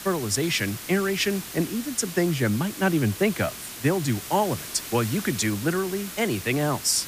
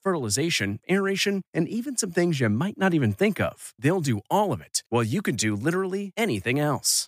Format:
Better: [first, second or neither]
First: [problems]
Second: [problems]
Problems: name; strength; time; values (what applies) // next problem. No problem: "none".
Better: second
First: hiss; loud; throughout; 10 dB below the speech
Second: none